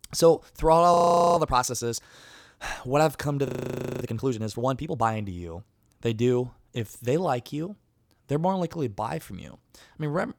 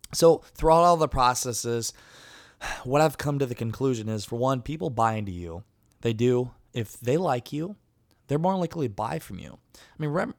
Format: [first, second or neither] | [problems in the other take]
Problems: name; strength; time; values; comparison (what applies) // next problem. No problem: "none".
second | audio freezing; at 1 s and at 3.5 s for 0.5 s